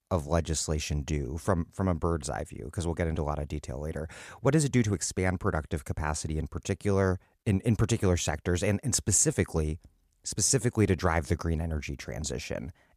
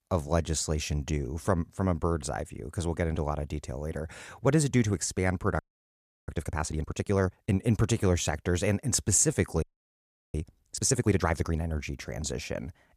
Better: first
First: none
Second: audio freezing; at 5.5 s for 0.5 s and at 9.5 s for 0.5 s

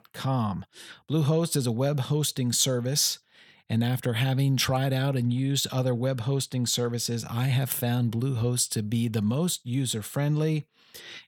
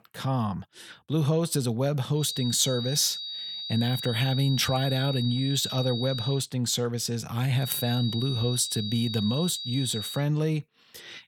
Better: first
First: none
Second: high-pitched whine; loud; from 2 to 6.5 s and from 7.5 to 10 s; 4 kHz, 6 dB below the speech

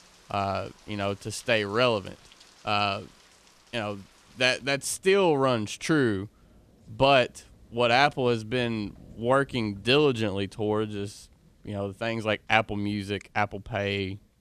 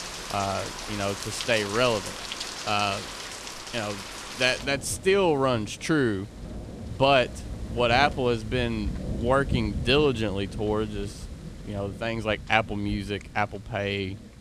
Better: first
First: rain or running water; faint; throughout; 30 dB below the speech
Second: rain or running water; loud; throughout; 10 dB below the speech

